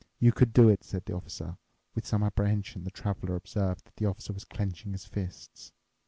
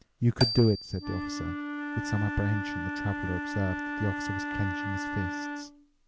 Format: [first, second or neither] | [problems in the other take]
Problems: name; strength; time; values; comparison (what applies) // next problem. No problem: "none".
first | background sound (Wind instrument, woodwind instrument + Marimba, xylophone); 4 dB below the speech